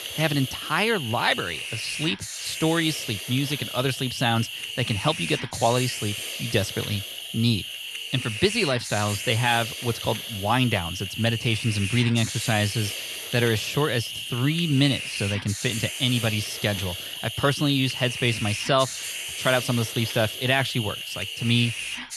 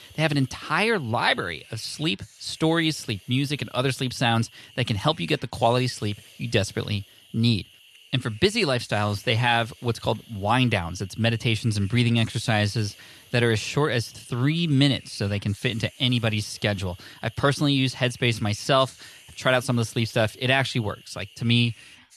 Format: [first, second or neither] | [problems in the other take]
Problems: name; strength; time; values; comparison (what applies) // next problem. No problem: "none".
second | hiss; loud; throughout; 6 dB below the speech; faint in the second